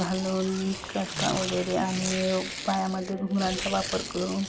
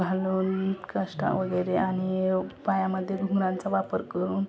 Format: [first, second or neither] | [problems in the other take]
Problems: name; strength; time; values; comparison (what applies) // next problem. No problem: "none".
second | background sound (Tearing); 7 dB below the speech